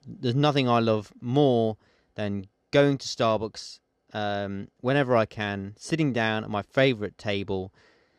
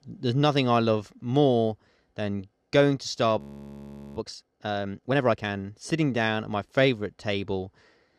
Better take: first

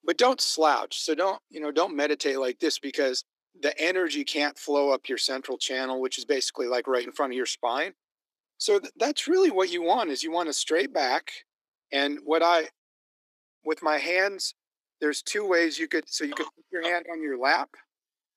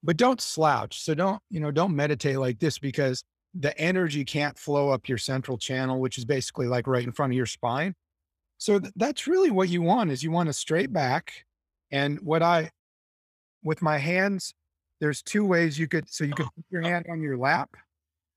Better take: second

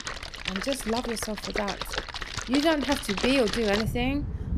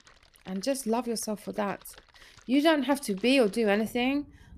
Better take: second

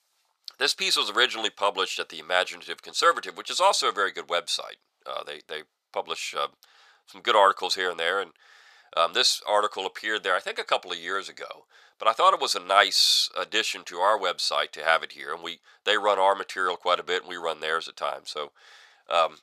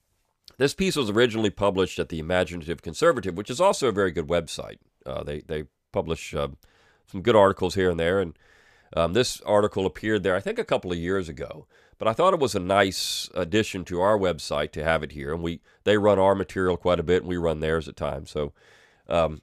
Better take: second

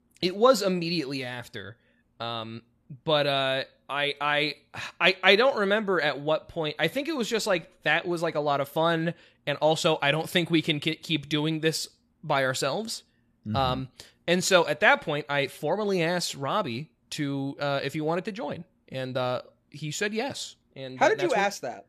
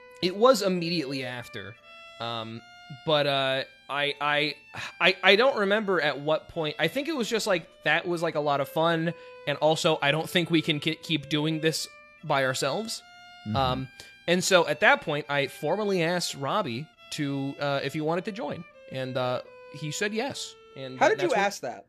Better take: first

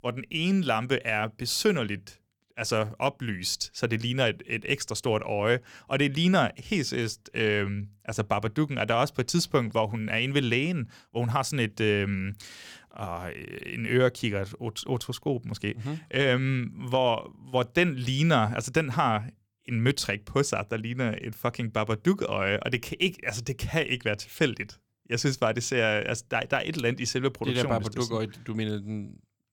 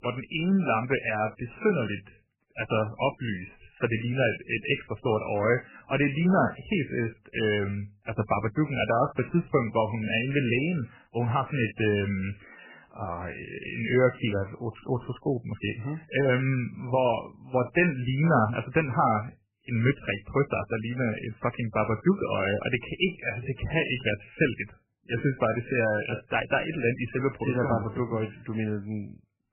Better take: first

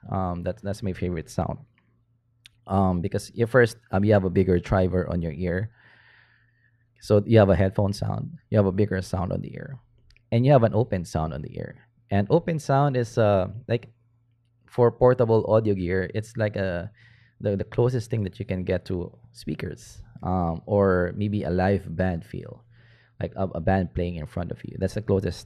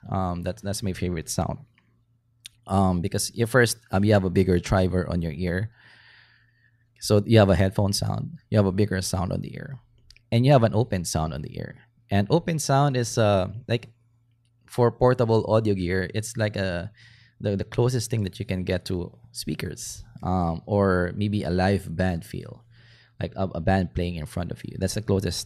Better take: second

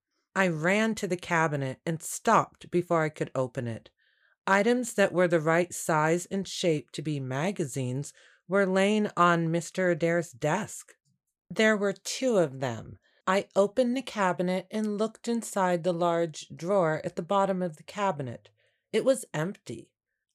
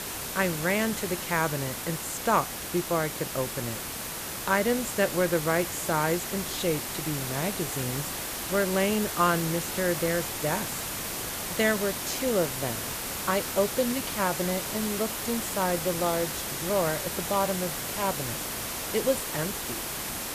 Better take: first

